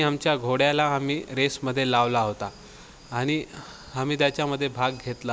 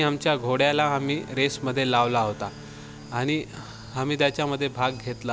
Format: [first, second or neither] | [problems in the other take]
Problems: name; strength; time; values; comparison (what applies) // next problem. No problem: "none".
first | background sound (Bowed string instrument + Keyboard (musical)); 17 dB below the speech